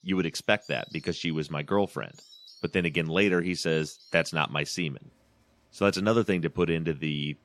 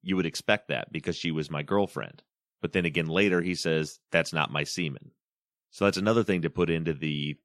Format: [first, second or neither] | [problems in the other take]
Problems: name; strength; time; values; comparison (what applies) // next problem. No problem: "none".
second | animal sounds; faint; throughout; 25 dB below the speech